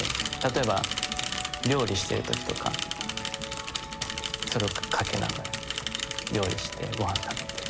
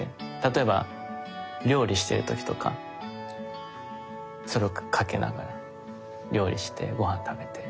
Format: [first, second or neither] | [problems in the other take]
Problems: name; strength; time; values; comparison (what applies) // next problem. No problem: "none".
second | background sound (Mechanisms / Bicycle); 2 dB below the speech